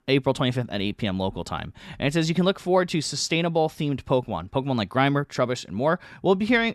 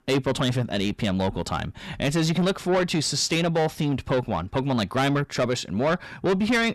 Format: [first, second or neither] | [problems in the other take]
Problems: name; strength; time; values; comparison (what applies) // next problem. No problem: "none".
first | distortion; heavy; 8 dB below the speech